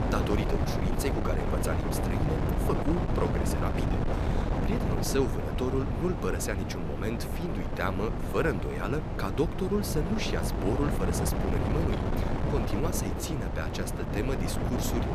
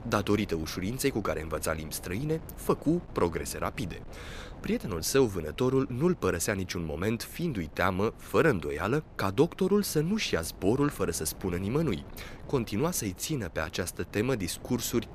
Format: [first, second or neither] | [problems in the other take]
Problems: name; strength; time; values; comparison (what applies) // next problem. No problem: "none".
second | wind noise on the microphone; heavy; 1 dB below the speech; occasional gusts in the second